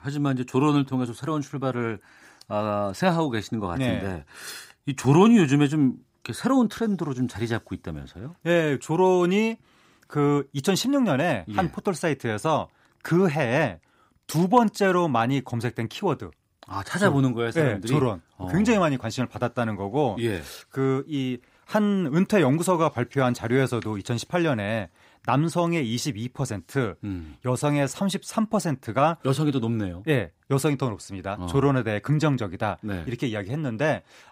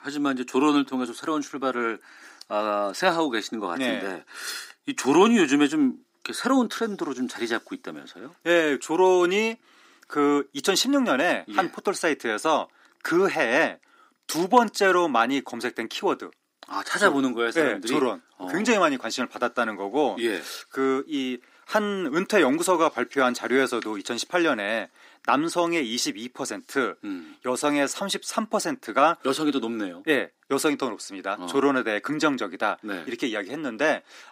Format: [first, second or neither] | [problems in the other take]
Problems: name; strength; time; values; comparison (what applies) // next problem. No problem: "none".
first | thin; very slightly; fading below 300 Hz